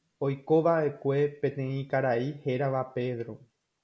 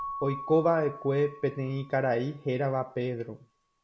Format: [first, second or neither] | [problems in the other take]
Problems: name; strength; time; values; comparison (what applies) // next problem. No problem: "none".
first | background sound (Keyboard (musical) / Bell); 15 dB below the speech